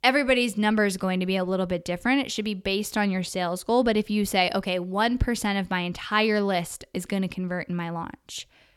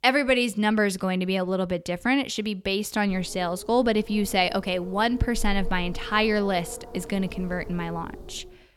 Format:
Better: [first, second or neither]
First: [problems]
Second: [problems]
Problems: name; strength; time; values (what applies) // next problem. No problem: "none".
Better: first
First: none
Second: wind noise on the microphone; occasional gusts; from 3 s on; 20 dB below the speech